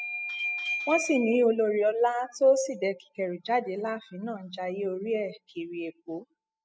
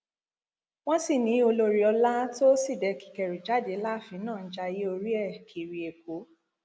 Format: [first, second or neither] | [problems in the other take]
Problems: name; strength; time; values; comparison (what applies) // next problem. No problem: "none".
second | noise reduction (classical method spectral subtraction)